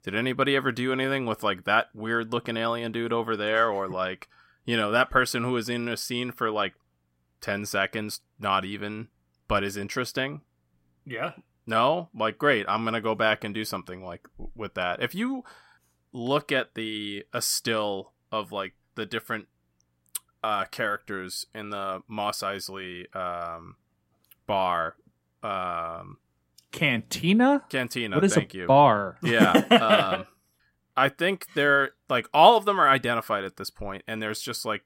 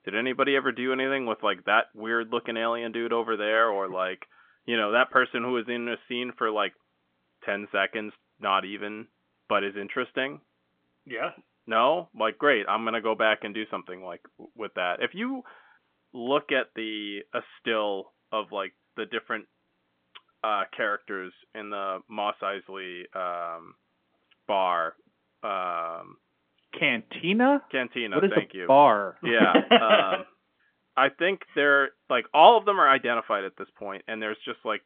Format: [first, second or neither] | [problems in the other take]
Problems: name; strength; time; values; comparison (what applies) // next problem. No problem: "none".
first | phone-call audio; nothing above 3.5 kHz